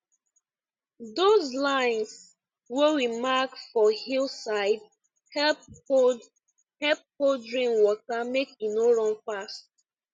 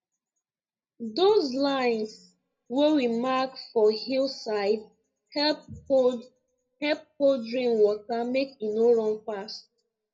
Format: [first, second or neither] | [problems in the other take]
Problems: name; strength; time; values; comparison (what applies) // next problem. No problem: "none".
first | room echo; dies away in 0.4 s